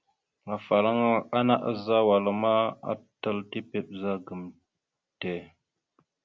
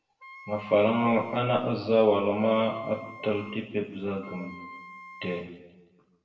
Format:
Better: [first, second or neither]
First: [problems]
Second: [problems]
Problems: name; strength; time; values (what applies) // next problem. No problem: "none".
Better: first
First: none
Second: background sound (Wind instrument, woodwind instrument); 19 dB below the speech // room echo; dies away in 1 s